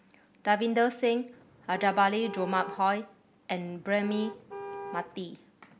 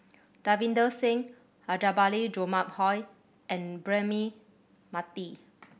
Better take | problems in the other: second | background sound (Car); 12 dB below the speech

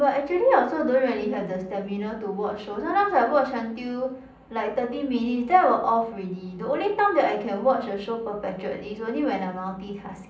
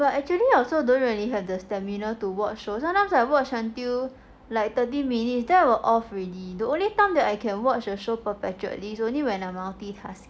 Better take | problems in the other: second | room echo; dies away in 0.6 s

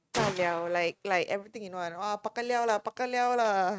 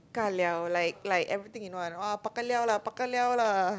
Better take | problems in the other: second | noise reduction (neural mask model RNNoise)

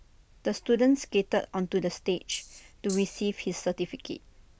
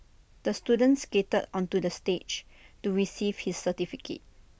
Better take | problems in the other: second | background sound (Rattle (instrument)); 14 dB below the speech

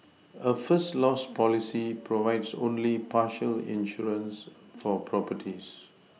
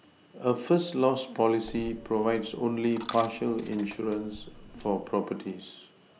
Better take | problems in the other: first | background sound (Coin (dropping)); 17 dB below the speech

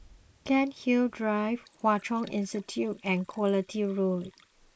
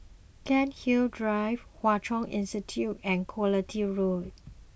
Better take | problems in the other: second | noise reduction (neural mask model Resemble Enhance denoiser)

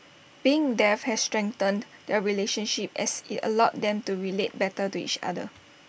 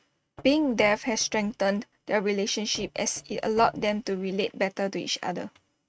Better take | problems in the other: first | noise reduction (neural mask model RNNoise)

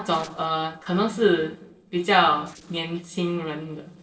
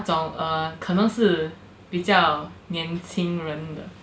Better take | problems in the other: second | noise reduction (neural separator model SepFormer DNS4)

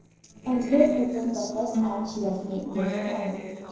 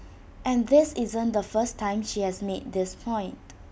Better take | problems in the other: second | noise reduction (neural separator model SepFormer DNS4)

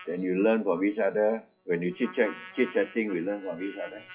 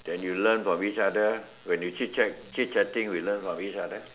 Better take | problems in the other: second | noise reduction (classical method WPE with log-MMSE)

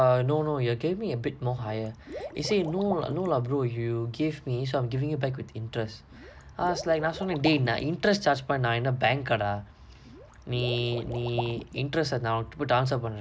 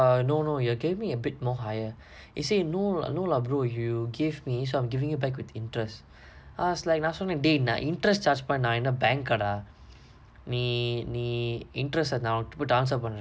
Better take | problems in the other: second | background sound (Liquid); 15 dB below the speech

